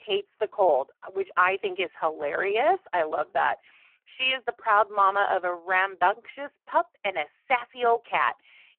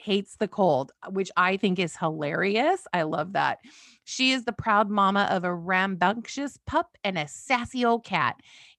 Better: second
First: phone-call audio; poor line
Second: none

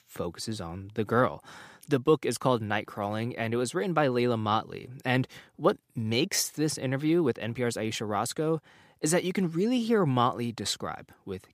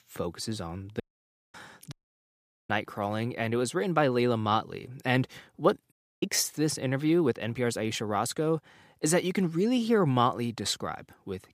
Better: first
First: none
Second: audio cutting out; at 1 s for 0.5 s, at 2 s for 1 s and at 6 s

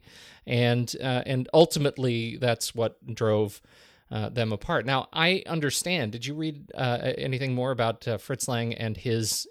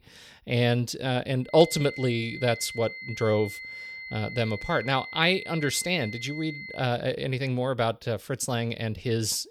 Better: first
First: none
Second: high-pitched whine; noticeable; from 1.5 to 7 s; 2 kHz, 10 dB below the speech

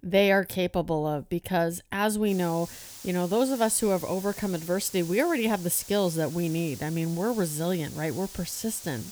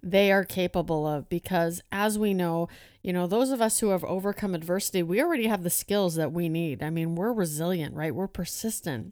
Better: second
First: hiss; noticeable; from 2.5 s on; 15 dB below the speech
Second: none

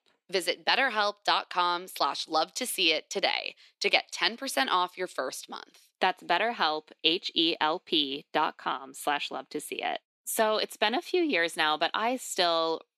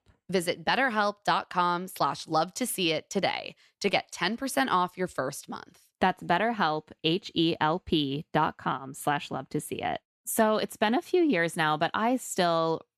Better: second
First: thin; somewhat; fading below 300 Hz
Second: none

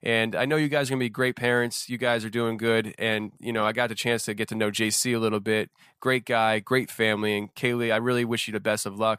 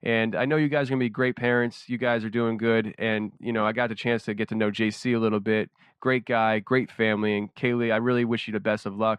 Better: first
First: none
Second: muffled; slightly; fading above 2.5 kHz

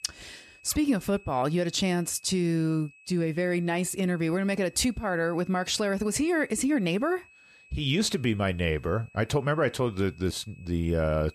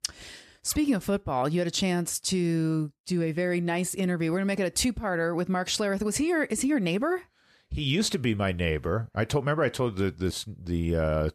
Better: second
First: high-pitched whine; faint; throughout; 2.5 kHz, 25 dB below the speech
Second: none

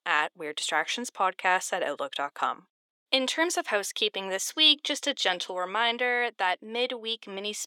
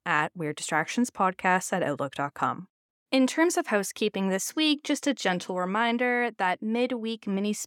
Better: second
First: thin; somewhat; fading below 500 Hz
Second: none

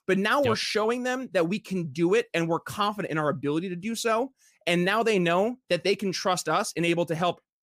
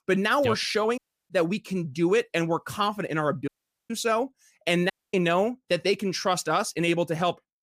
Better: first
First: none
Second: audio cutting out; at 1 s, at 3.5 s and at 5 s

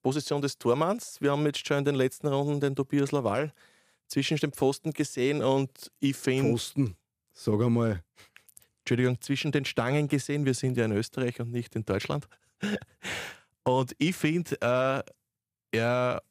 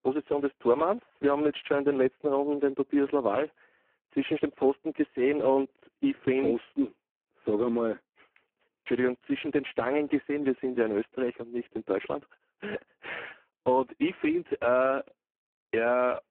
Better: first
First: none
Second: phone-call audio; poor line

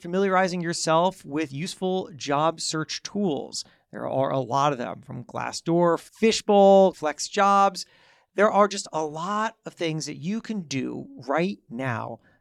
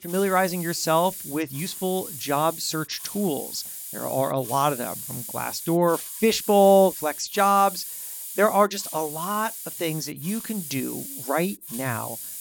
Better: first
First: none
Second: hiss; loud; throughout; 9 dB below the speech

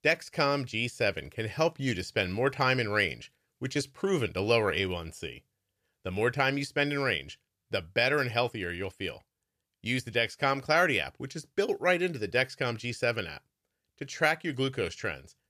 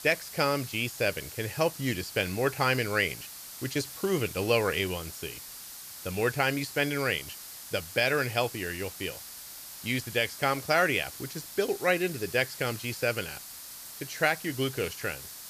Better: first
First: none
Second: hiss; noticeable; throughout; 10 dB below the speech

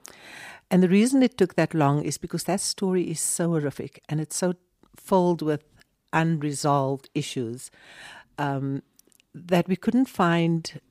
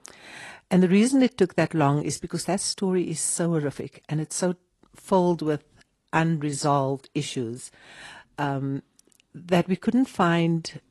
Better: first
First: none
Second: garbled, watery; slightly

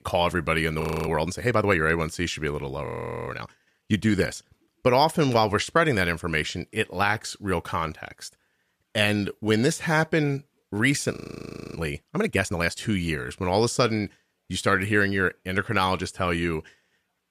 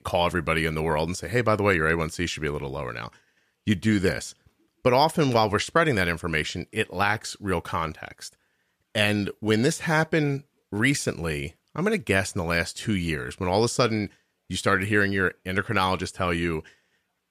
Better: second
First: audio freezing; at 1 s, at 3 s and at 11 s for 0.5 s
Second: none

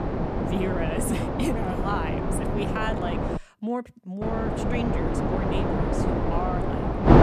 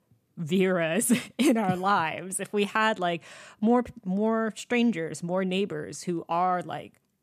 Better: second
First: wind noise on the microphone; heavy; until 3.5 s and from 4 s on; 3 dB above the speech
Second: none

